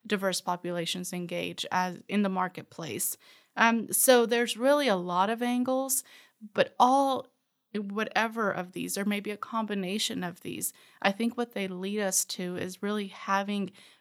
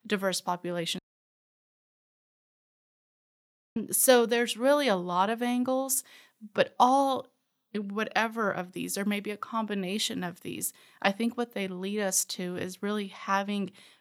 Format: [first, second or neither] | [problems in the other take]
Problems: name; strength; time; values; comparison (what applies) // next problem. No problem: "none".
first | audio cutting out; at 1 s for 3 s